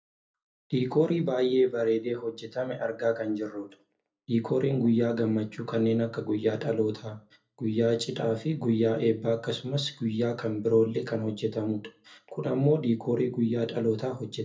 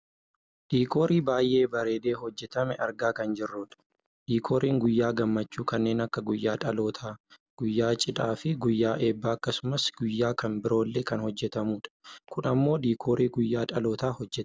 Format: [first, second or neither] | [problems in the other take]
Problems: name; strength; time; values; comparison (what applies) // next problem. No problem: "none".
second | room echo; dies away in 0.3 s